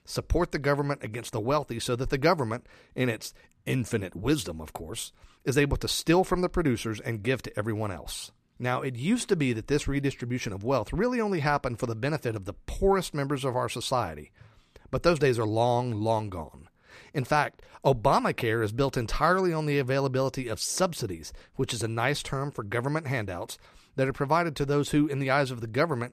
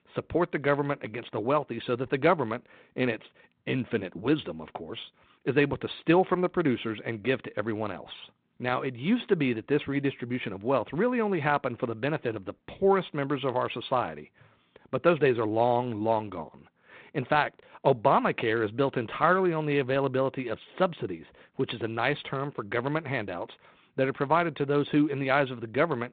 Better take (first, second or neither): first